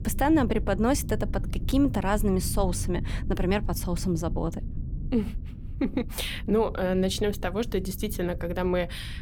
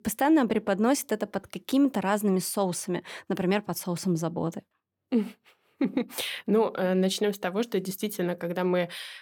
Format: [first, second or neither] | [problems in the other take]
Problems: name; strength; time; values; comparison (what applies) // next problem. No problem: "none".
second | low rumble; noticeable; throughout; 20 dB below the speech